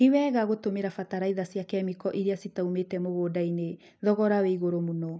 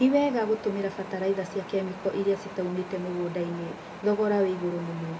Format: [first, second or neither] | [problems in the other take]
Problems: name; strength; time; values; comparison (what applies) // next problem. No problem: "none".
first | background sound (Wind); 13 dB below the speech // room echo; dies away in 1.2 s